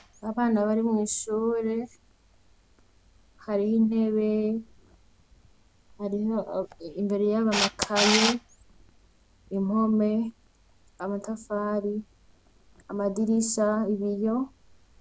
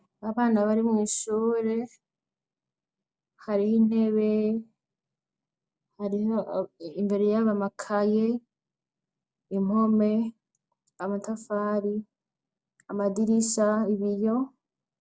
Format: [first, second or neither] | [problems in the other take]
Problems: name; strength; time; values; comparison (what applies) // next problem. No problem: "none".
second | background sound (Camera); 9 dB below the speech